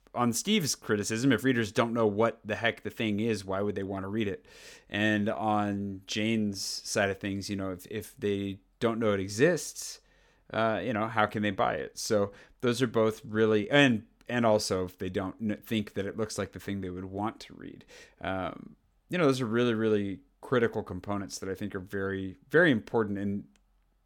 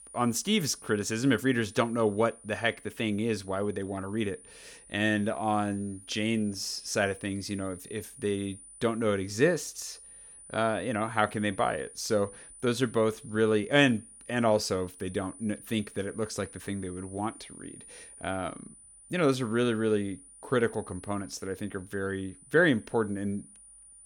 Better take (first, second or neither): first